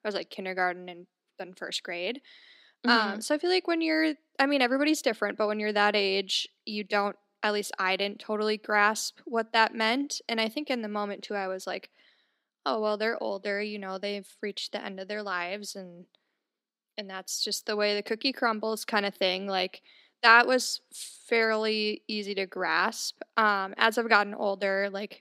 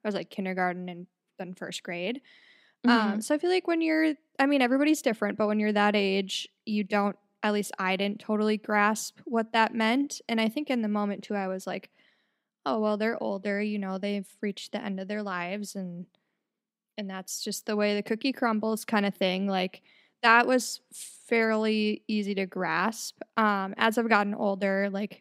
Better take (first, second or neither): second